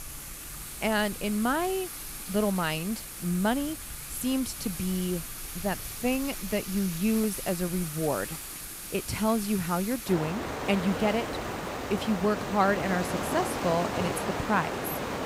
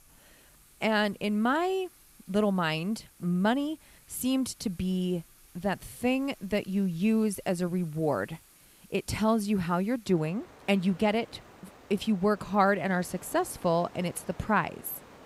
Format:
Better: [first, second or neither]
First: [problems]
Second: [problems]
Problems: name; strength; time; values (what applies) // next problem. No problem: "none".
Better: second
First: rain or running water; loud; throughout; 5 dB below the speech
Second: rain or running water; faint; throughout; 25 dB below the speech